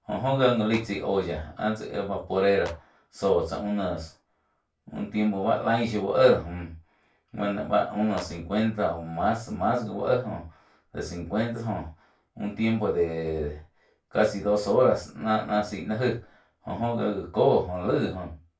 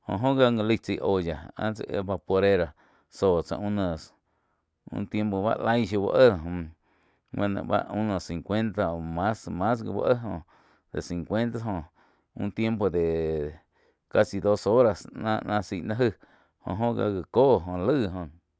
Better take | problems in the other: second | background sound (Clapping); 20 dB below the speech // room echo; dies away in 0.2 s

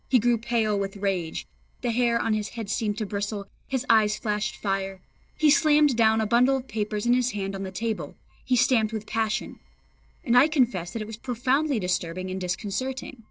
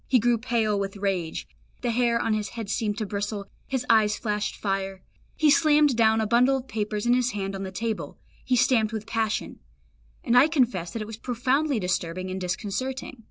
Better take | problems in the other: second | noise reduction (neural separator model SepFormer DNS4)

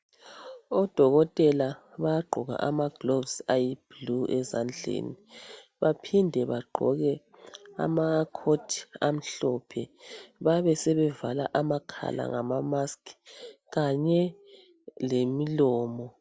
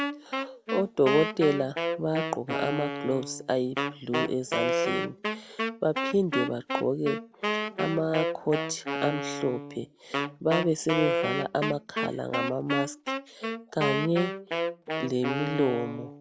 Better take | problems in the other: first | background sound (Wind instrument, woodwind instrument); 3 dB below the speech

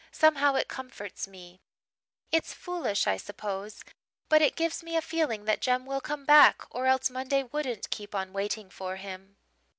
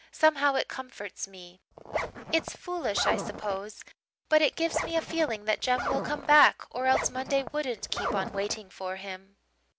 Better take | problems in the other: first | background sound (Zipper (clothing)); 7 dB below the speech

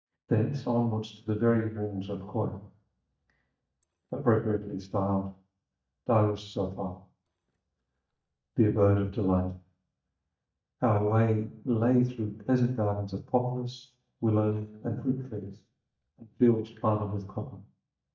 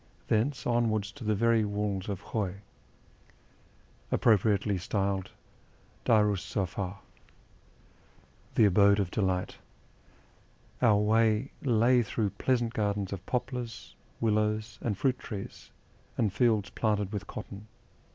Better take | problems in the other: second | noise reduction (neural mask model DeepFilterNet 3)

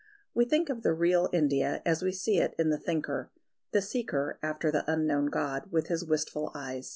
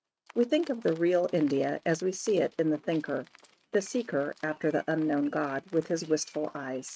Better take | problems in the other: first | noise reduction (neural mask model RNNoise)

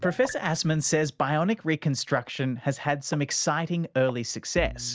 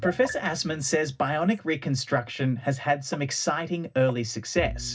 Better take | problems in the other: first | room echo; dies away in 0.4 s

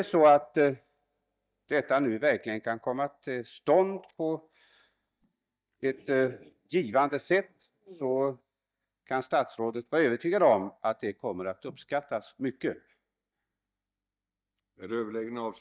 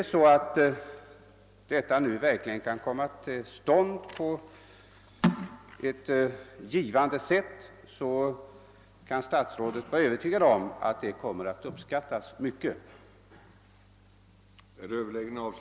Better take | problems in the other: second | noise reduction (neural mask model DeepFilterNet 3)

